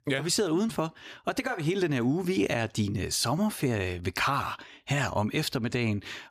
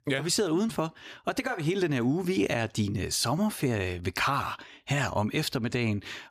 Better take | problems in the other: neither | none

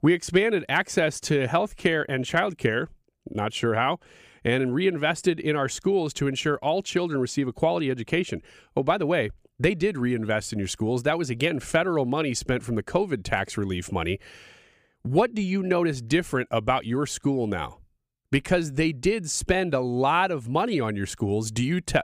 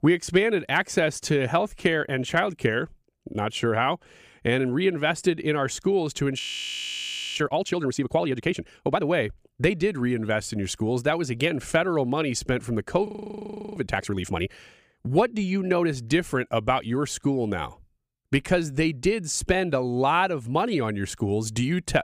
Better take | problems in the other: first | audio freezing; at 6.5 s for 1 s and at 13 s for 0.5 s

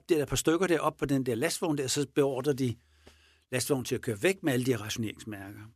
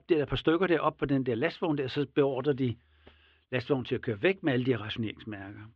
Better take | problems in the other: first | muffled; very; fading above 3.5 kHz

